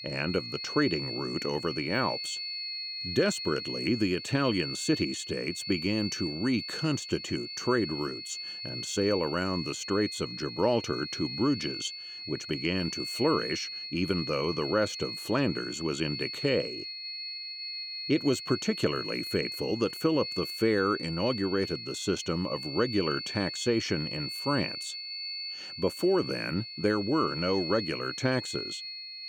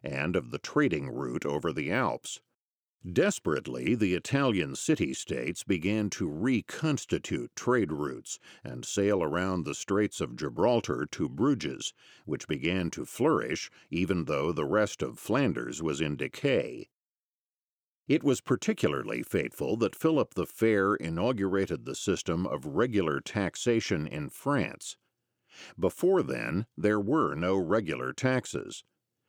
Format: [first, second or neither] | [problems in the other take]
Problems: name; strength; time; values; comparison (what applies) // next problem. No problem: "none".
second | high-pitched whine; loud; throughout; 4.5 kHz, 6 dB below the speech